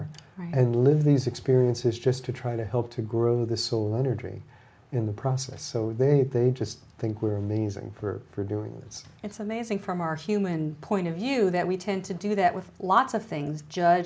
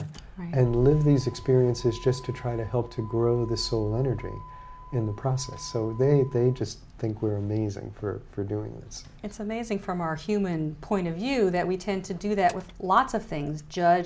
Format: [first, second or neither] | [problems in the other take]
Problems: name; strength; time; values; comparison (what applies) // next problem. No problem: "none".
first | background sound (Motor vehicle (road)); 17 dB below the speech